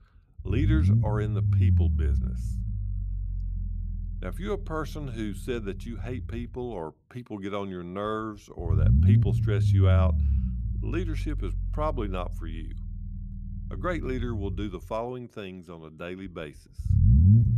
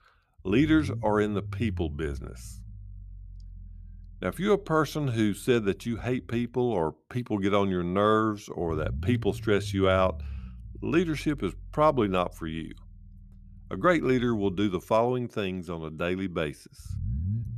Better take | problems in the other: second | low rumble; loud; throughout; 4 dB below the speech; faint in the second

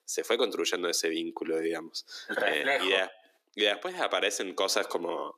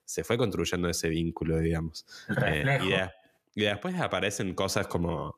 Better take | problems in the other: second | thin; very; fading below 300 Hz

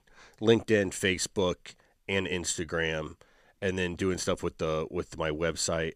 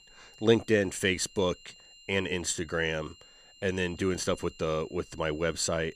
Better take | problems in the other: first | high-pitched whine; faint; throughout; 3 kHz, 25 dB below the speech

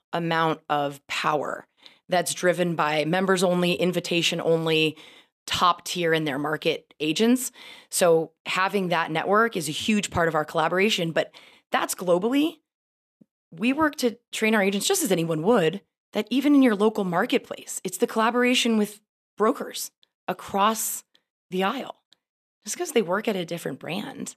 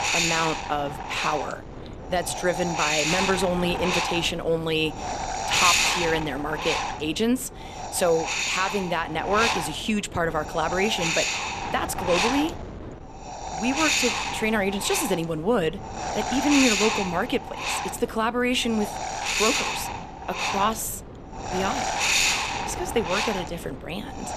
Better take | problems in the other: first | wind noise on the microphone; heavy; 1 dB above the speech

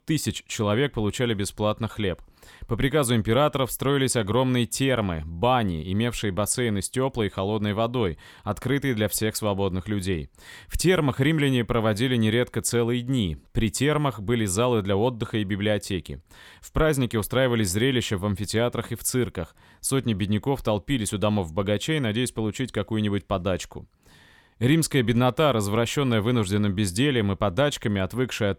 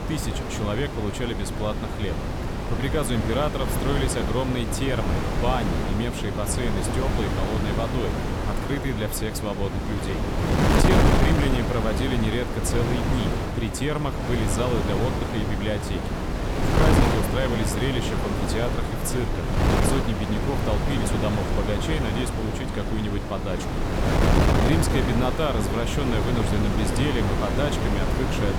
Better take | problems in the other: first | wind noise on the microphone; heavy; 1 dB above the speech

